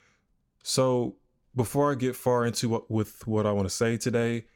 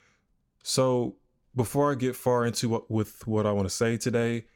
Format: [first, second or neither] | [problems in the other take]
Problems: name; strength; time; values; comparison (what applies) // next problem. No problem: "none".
neither | none